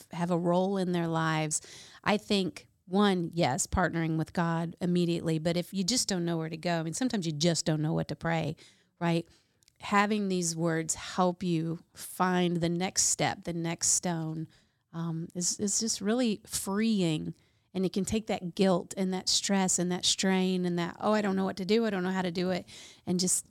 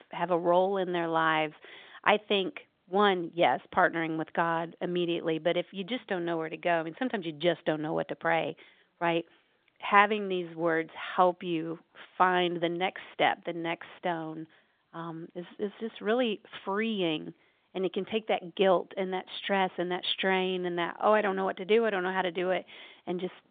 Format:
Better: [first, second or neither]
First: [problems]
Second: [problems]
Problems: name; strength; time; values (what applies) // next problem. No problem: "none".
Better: first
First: none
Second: phone-call audio